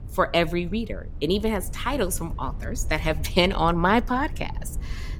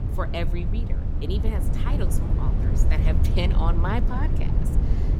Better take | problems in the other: first | low rumble; loud; throughout; 4 dB below the speech; faint in the first

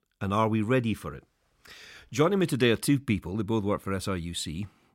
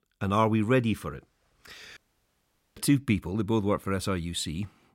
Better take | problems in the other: first | audio cutting out; at 2 s for 1 s

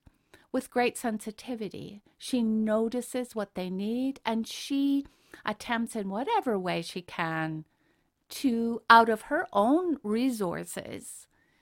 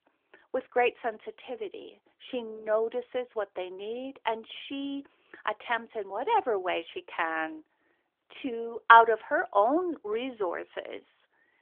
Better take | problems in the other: first | phone-call audio; nothing above 3.5 kHz

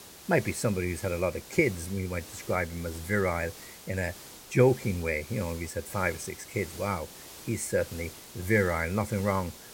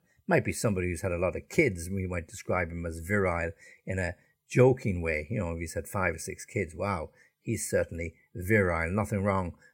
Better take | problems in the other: second | hiss; noticeable; throughout; 15 dB below the speech

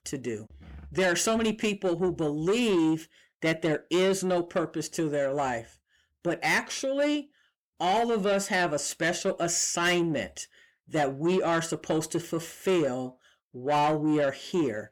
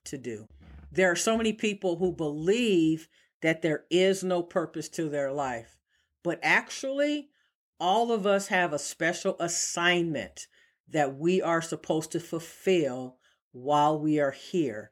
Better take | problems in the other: second | distortion; slight; 10 dB below the speech

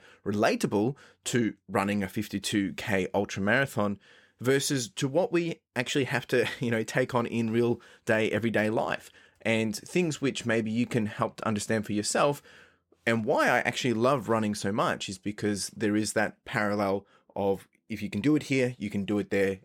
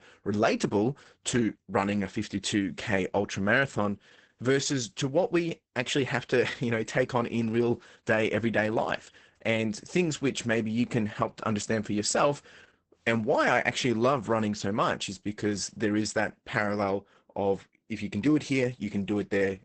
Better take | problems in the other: first | garbled, watery; badly; nothing above 8 kHz

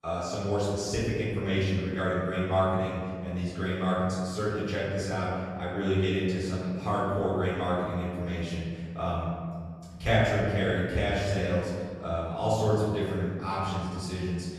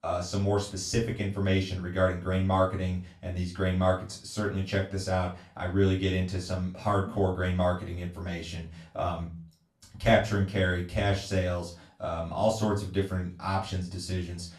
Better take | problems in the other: second | room echo; strong; dies away in 1.9 s; slight in the second // off-mic speech; far; far in the second

